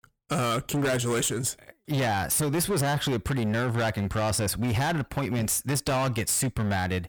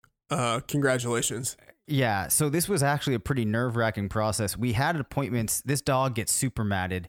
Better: second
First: distortion; heavy; 23% of the sound clipped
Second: none

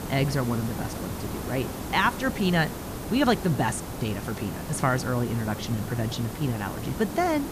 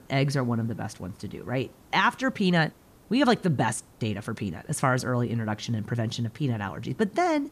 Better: second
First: hiss; loud; throughout; 8 dB below the speech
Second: hiss; faint; throughout; 30 dB below the speech

